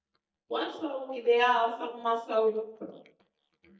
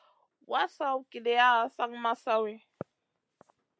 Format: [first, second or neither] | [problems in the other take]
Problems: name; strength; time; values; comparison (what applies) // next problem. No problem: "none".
second | noise reduction (neural mask model DeepFilterNet 3)